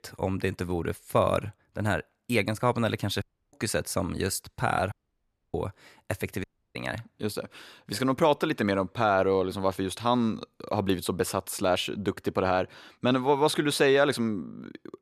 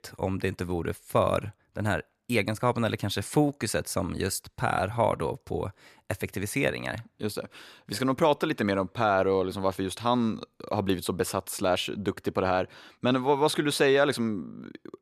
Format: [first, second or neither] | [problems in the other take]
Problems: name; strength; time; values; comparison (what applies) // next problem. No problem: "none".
second | audio cutting out; at 3 s, at 5 s for 0.5 s and at 6.5 s